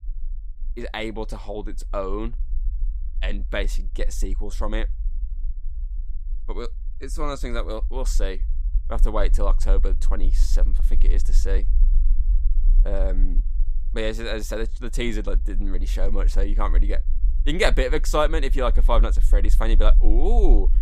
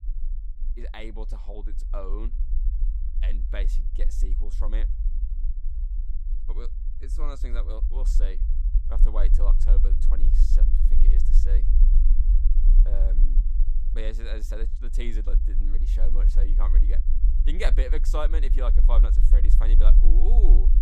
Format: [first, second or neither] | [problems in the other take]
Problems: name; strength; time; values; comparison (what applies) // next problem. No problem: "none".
first | low rumble; loud; throughout; 9 dB below the speech; faint in the first